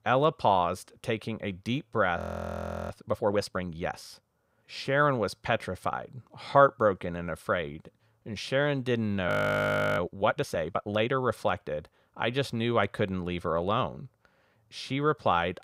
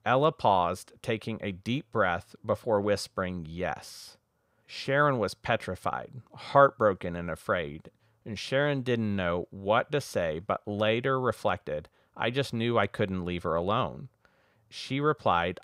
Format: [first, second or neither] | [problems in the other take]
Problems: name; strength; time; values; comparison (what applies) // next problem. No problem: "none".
second | audio freezing; at 2 s for 0.5 s and at 9.5 s for 0.5 s